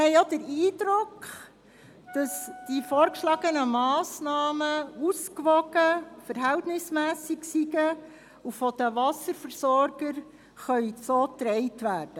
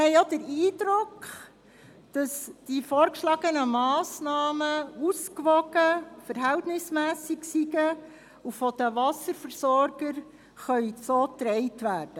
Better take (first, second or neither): second